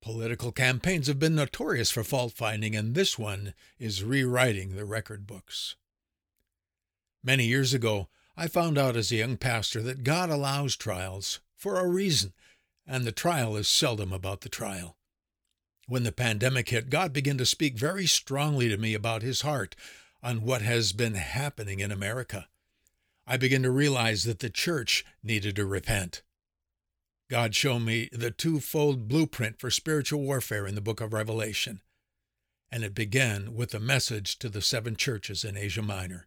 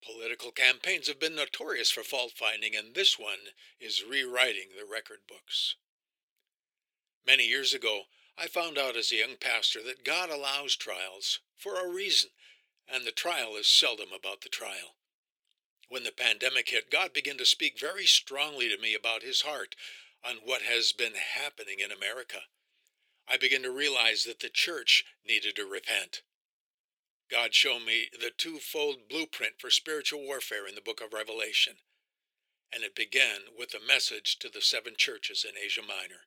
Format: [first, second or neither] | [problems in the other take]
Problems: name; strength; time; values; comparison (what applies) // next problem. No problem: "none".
first | thin; very; fading below 400 Hz